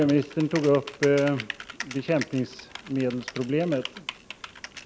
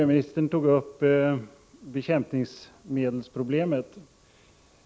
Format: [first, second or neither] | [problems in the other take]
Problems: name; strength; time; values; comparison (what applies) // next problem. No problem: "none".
second | background sound (Typing); 13 dB below the speech